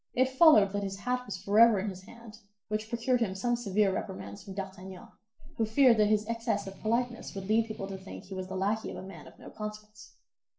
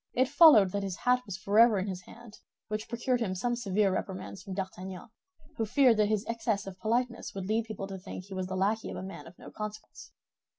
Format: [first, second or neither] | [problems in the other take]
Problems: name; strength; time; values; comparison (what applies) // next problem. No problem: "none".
second | noise reduction (neural separator model SepFormer DNS4)